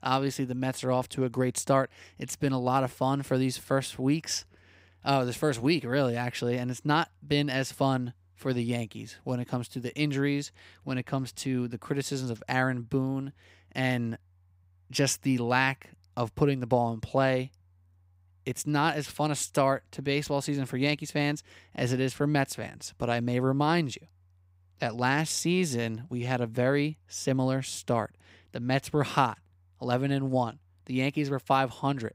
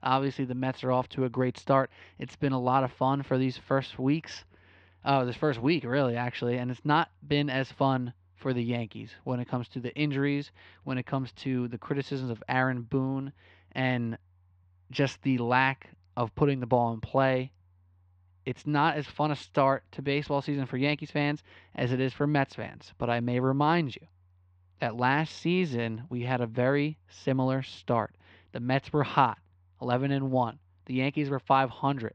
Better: first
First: none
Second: muffled; slightly; fading above 4 kHz

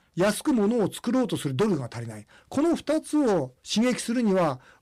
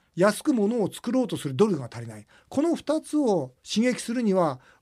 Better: second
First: distortion; slight; 9% of the sound clipped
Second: none

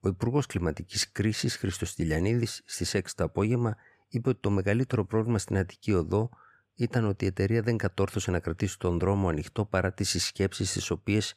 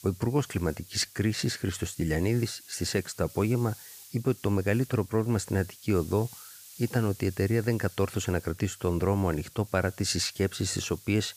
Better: first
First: none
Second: hiss; noticeable; throughout; 20 dB below the speech

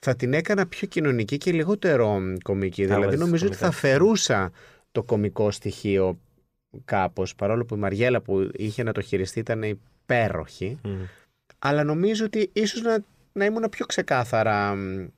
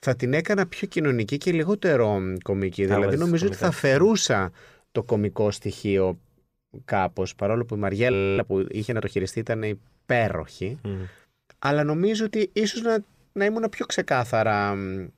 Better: first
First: none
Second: audio freezing; at 8 s

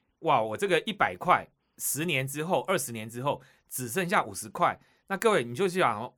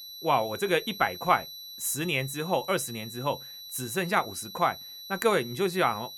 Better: first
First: none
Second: high-pitched whine; noticeable; throughout; 4 kHz, 10 dB below the speech

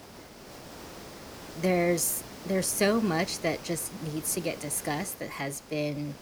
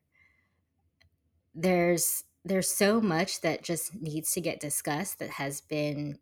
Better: second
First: hiss; noticeable; throughout; 15 dB below the speech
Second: none

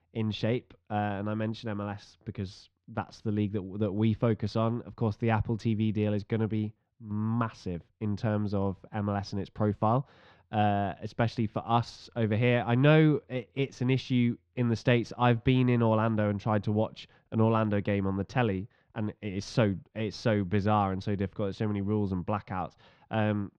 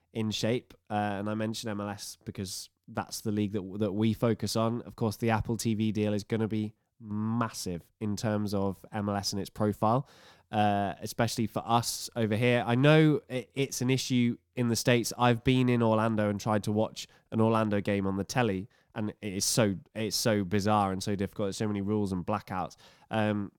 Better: second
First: muffled; slightly; fading above 3.5 kHz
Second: none

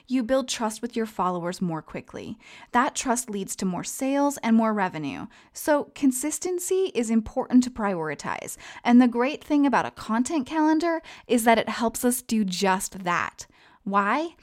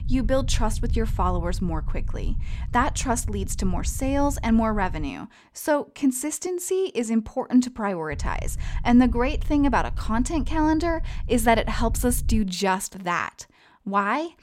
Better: first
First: none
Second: low rumble; faint; until 5 s and from 8 to 12 s; 25 dB below the speech

